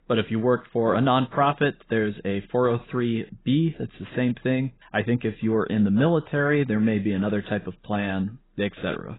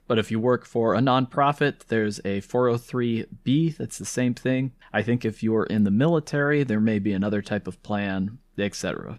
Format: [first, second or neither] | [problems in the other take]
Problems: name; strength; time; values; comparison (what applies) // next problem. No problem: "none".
second | garbled, watery; badly; nothing above 4 kHz